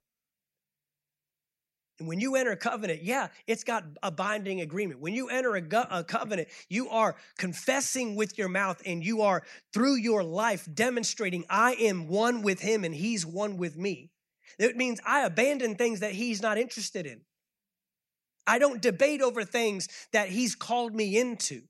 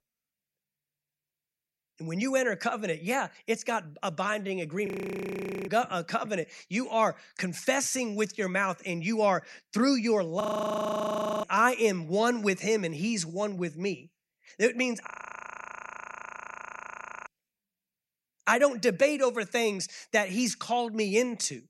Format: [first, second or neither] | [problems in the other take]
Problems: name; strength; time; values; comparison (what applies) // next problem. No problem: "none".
first | audio freezing; at 5 s for 1 s, at 10 s for 1 s and at 15 s for 2 s